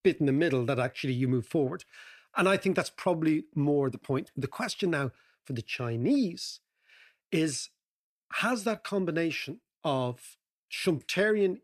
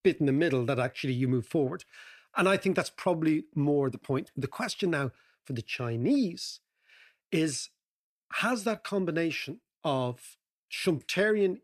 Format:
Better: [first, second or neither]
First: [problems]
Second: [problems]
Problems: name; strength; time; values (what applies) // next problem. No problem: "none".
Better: neither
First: none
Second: none